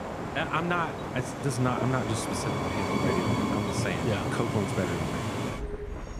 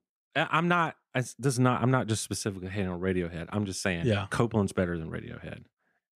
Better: second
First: train or aircraft noise; very loud; throughout; as loud as the speech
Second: none

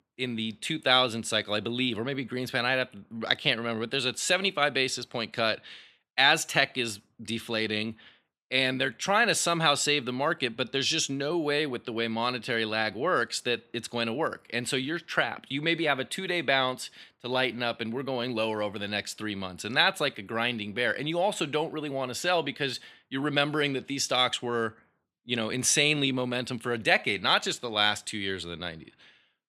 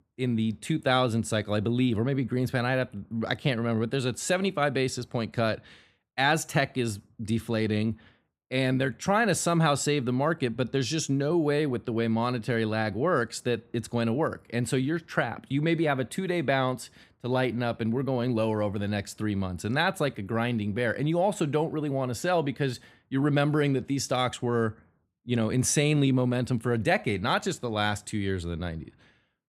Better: second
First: thin; very slightly; fading below 800 Hz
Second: none

